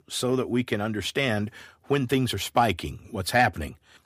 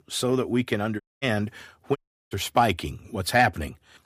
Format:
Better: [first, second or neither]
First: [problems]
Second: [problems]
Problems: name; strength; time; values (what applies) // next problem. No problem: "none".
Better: first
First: none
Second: audio cutting out; at 1 s and at 2 s